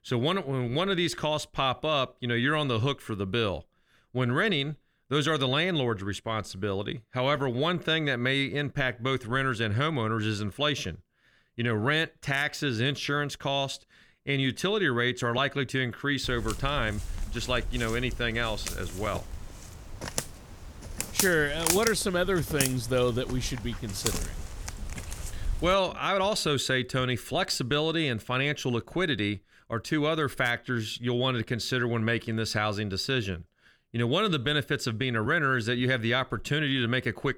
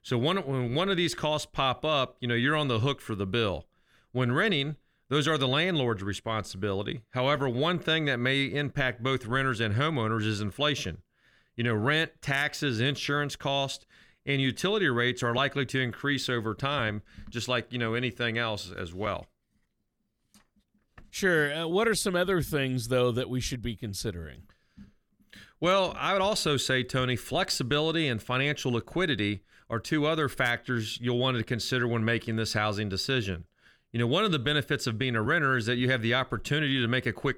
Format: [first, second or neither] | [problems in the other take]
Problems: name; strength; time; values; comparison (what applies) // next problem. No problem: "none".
second | footsteps; loud; from 16 to 26 s; peak 1 dB above the speech